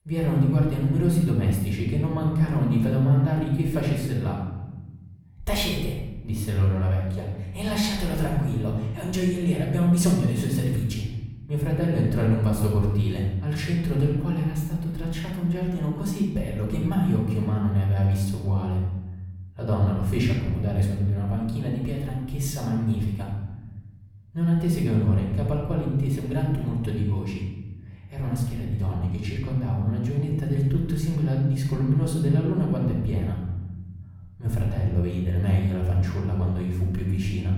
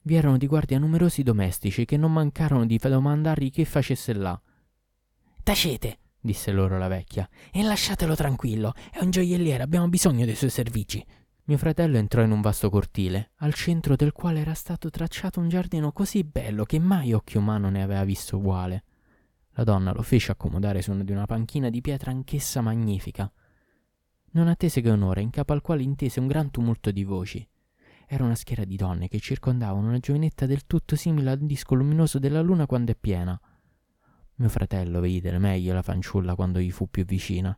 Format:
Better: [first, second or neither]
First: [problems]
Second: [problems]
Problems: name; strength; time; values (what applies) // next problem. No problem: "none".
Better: second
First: off-mic speech; far // room echo; noticeable; dies away in 1.2 s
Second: none